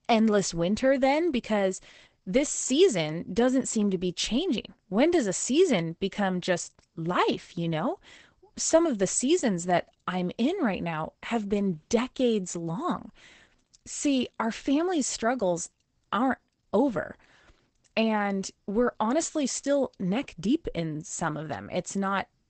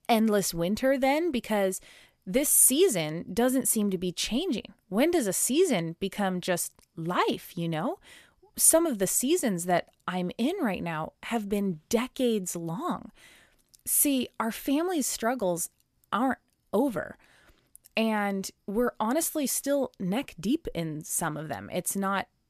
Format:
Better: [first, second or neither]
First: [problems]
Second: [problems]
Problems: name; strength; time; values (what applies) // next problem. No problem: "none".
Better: second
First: garbled, watery; badly; nothing above 8 kHz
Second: none